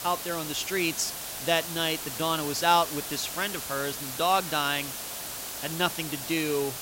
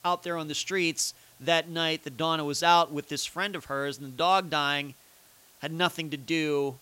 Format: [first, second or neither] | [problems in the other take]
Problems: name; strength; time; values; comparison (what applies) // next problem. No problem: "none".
second | hiss; loud; throughout; 6 dB below the speech; faint in the second